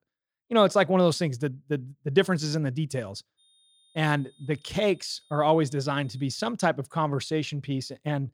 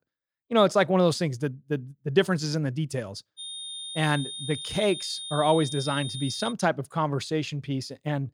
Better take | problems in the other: first | high-pitched whine; loud; from 3.5 to 6.5 s; 3.5 kHz, 8 dB below the speech; faint in the first

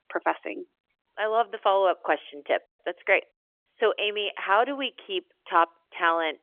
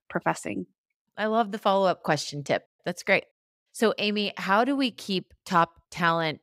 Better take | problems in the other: second | phone-call audio; nothing above 3.5 kHz

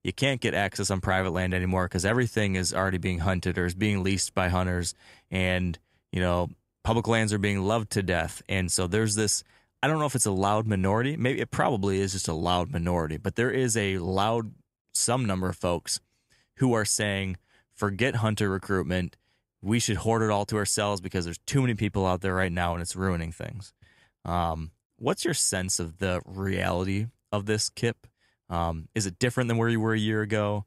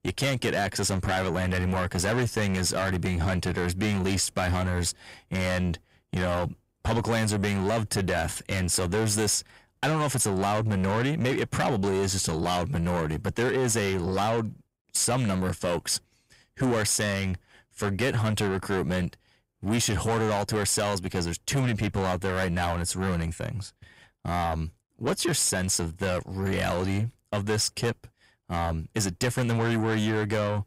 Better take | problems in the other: first | distortion; heavy; 6 dB below the speech

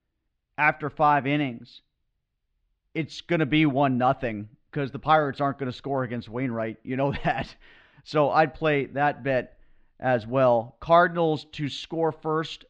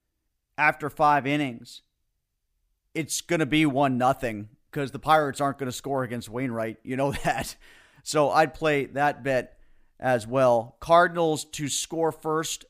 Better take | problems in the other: second | muffled; slightly; fading above 4 kHz

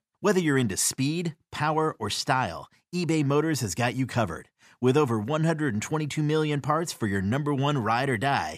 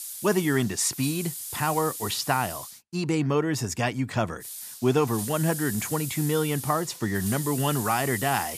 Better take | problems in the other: first | hiss; loud; until 3 s and from 4.5 s on; 8 dB below the speech

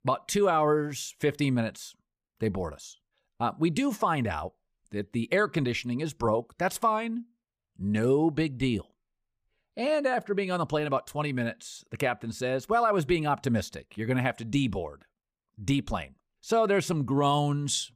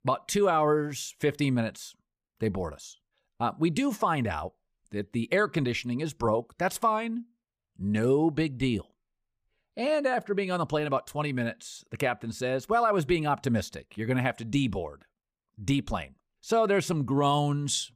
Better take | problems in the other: neither | none

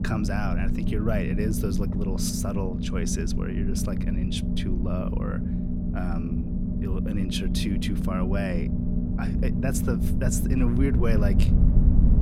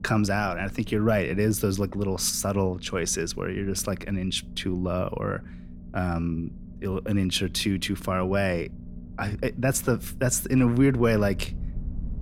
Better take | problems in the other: second | low rumble; loud; throughout; 2 dB below the speech; faint in the second

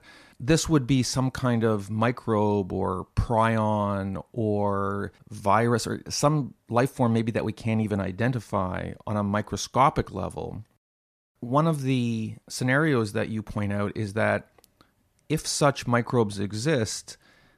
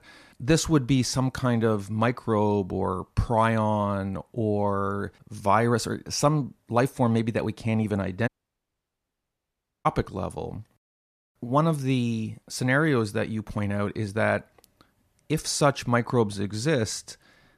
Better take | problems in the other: first | audio cutting out; at 8.5 s for 1.5 s

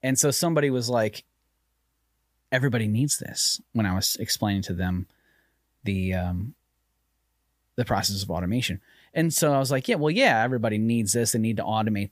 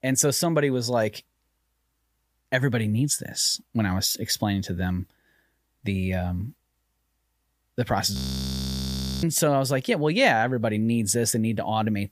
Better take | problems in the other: first | audio freezing; at 8 s for 1 s

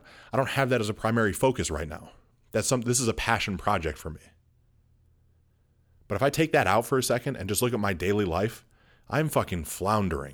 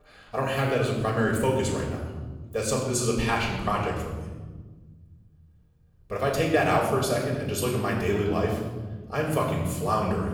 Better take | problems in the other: first | off-mic speech; far // room echo; noticeable; dies away in 1.6 s

